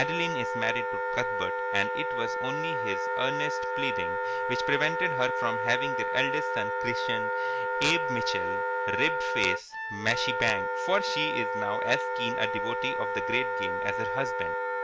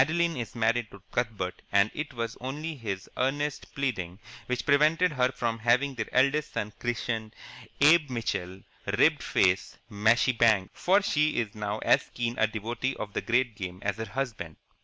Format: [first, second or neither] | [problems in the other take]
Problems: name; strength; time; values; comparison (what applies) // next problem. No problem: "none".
second | background sound (Wind instrument, woodwind instrument); 2 dB above the speech